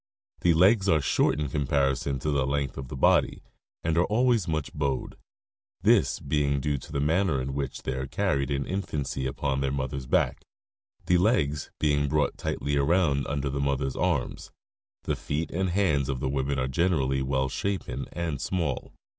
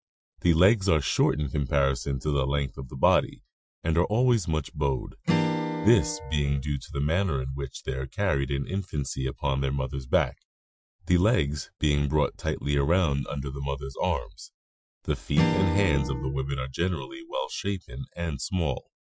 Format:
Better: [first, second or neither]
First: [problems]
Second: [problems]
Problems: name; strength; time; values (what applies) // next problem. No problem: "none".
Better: first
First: none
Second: noise reduction (classical method Wiener filter)